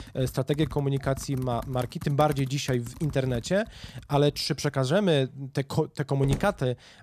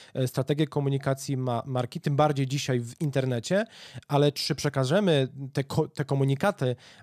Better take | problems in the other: second | household noises; noticeable; throughout; 15 dB below the speech

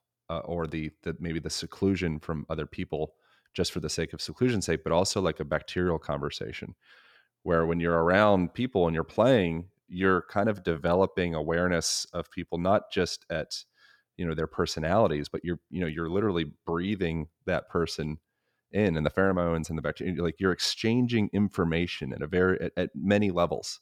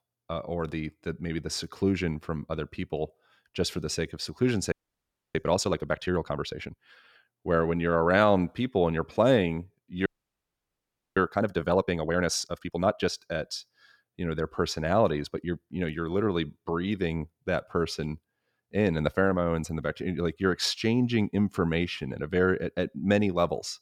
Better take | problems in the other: first | audio freezing; at 4.5 s for 0.5 s and at 10 s for 1 s

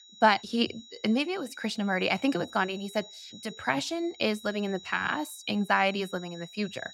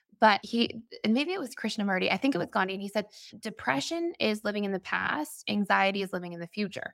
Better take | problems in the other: second | high-pitched whine; noticeable; throughout; 4 kHz, 20 dB below the speech

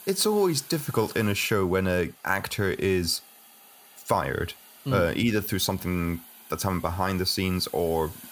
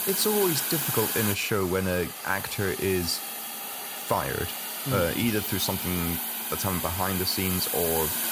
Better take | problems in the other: first | hiss; loud; throughout; 1 dB below the speech; faint in the first

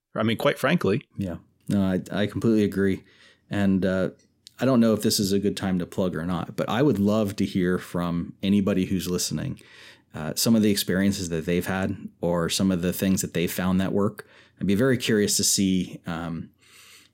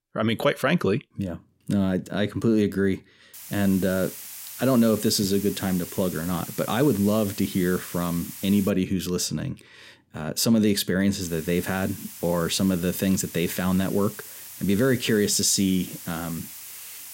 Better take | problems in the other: first | hiss; noticeable; from 3.5 to 8.5 s and from 11 s on; 15 dB below the speech

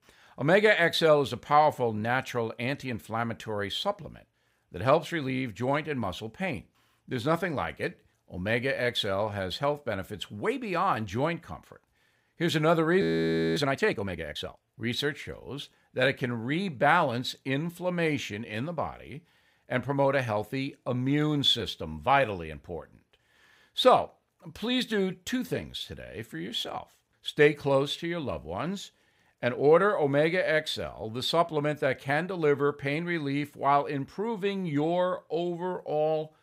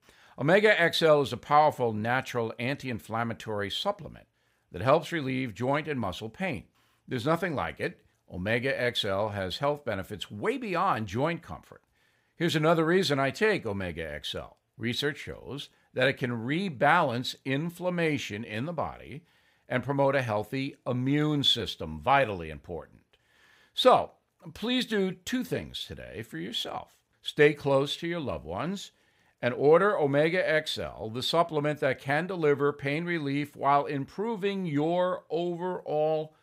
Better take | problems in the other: second | audio freezing; at 13 s for 0.5 s

